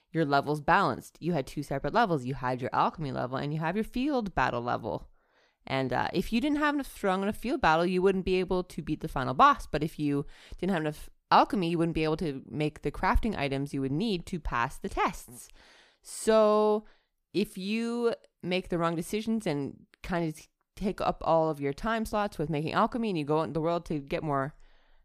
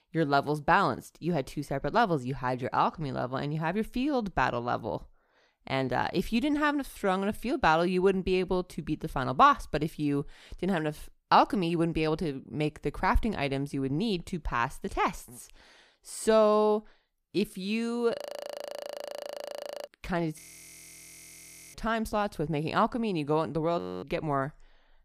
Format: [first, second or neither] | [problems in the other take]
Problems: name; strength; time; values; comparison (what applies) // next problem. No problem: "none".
first | audio freezing; at 18 s for 1.5 s, at 20 s for 1.5 s and at 24 s